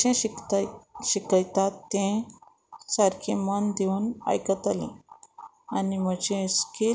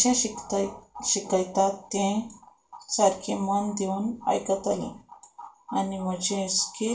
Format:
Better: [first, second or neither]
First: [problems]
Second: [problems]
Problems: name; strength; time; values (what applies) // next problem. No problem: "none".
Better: first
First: none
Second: room echo; dies away in 0.3 s